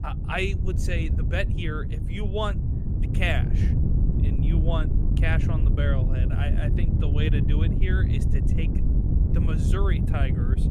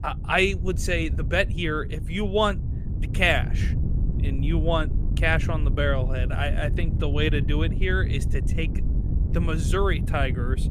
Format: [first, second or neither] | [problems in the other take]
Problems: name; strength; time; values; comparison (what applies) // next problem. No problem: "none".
second | wind noise on the microphone; heavy; 5 dB below the speech; occasional gusts in the second